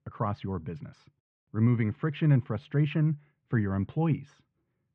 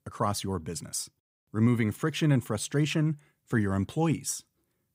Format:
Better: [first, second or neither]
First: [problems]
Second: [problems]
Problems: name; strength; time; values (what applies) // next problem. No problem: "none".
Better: second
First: muffled; very; fading above 2.5 kHz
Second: none